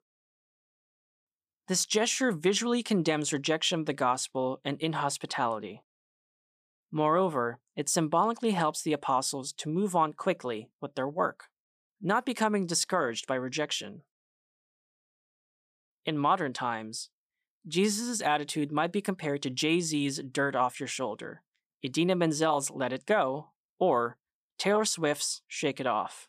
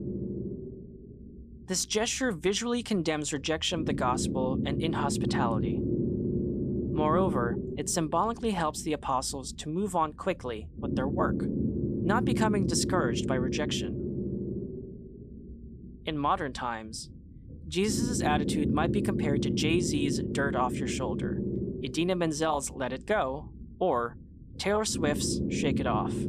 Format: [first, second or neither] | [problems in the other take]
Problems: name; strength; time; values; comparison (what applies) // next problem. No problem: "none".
first | low rumble; loud; throughout; 6 dB below the speech